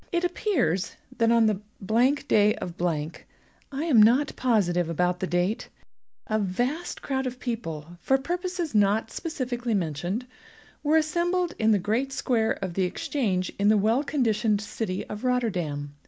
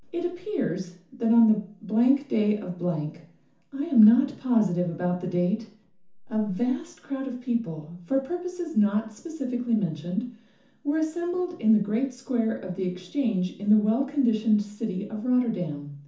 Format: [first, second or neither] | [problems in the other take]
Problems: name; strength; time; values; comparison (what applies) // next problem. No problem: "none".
first | room echo; dies away in 0.9 s